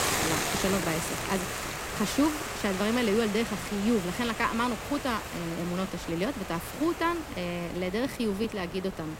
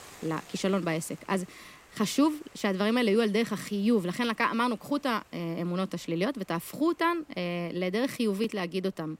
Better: second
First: hiss; loud; throughout; 4 dB below the speech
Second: hiss; faint; throughout; 25 dB below the speech

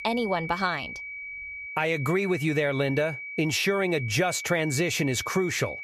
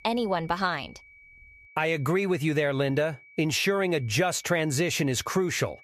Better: second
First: high-pitched whine; loud; throughout; 2.5 kHz, 9 dB below the speech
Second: high-pitched whine; faint; throughout; 2.5 kHz, 25 dB below the speech

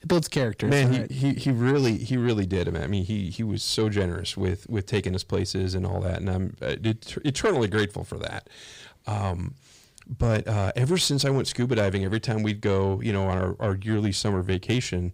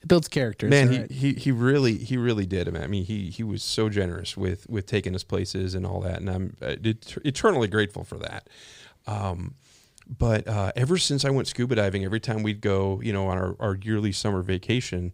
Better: second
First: distortion; slight; 10 dB below the speech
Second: none

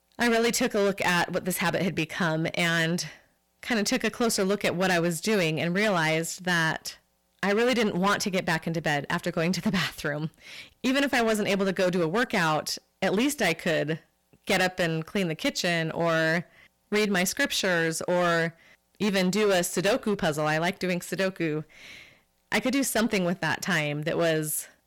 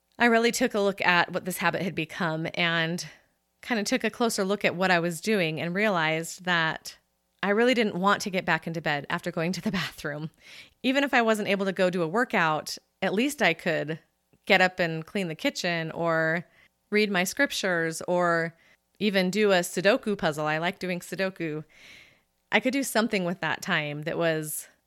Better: second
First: distortion; heavy; 12% of the sound clipped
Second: none

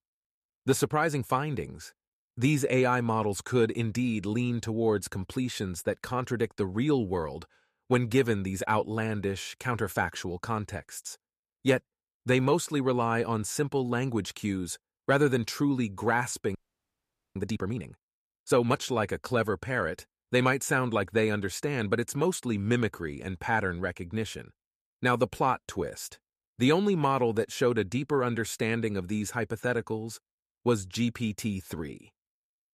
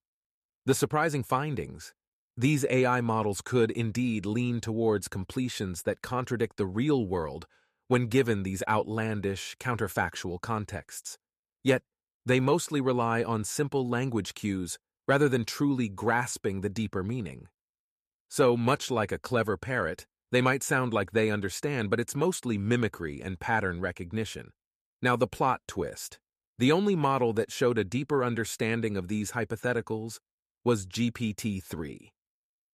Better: second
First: audio freezing; at 17 s for 1 s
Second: none

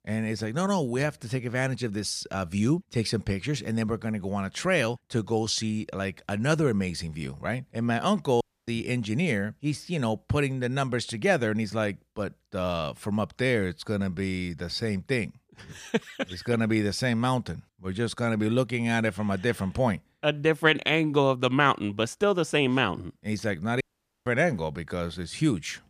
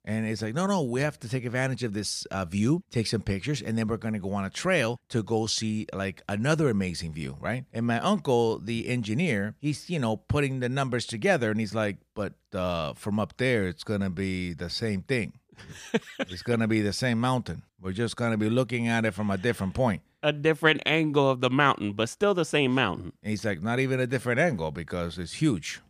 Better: second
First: audio cutting out; at 8.5 s and at 24 s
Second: none

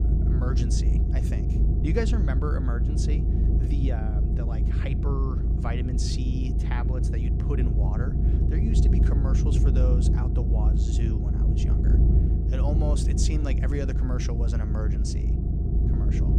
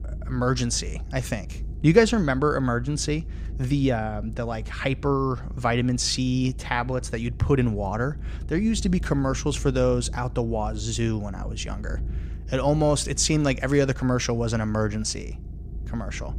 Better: second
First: low rumble; loud; throughout; 1 dB below the speech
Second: low rumble; faint; throughout; 25 dB below the speech

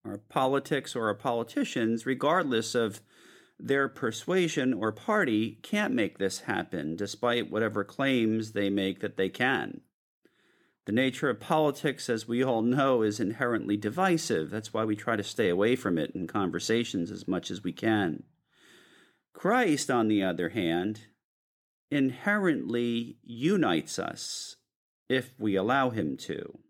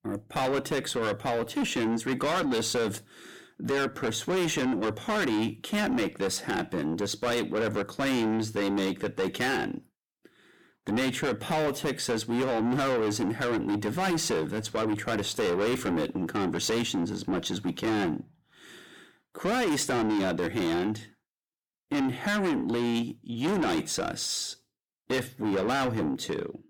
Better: first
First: none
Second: distortion; heavy; 6 dB below the speech

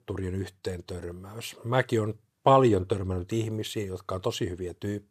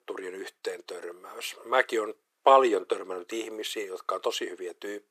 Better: first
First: none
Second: thin; very; fading below 400 Hz

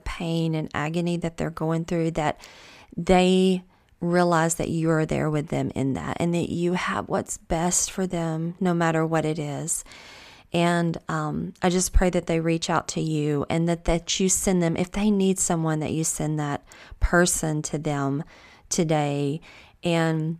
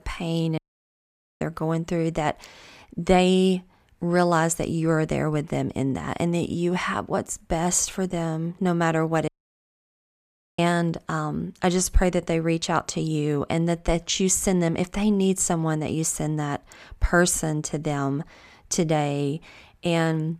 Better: first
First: none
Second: audio cutting out; at 0.5 s for 1 s and at 9.5 s for 1.5 s

